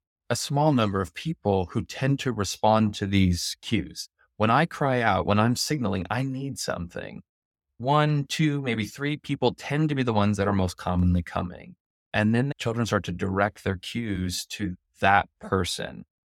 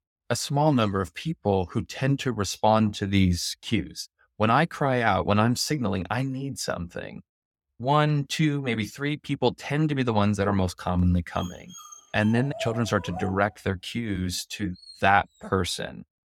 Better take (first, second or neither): first